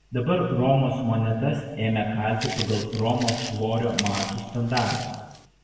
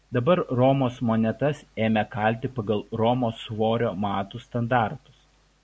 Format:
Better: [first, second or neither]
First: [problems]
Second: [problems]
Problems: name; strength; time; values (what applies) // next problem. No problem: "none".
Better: second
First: background sound (Walk, footsteps); 10 dB below the speech // room echo; dies away in 1.2 s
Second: none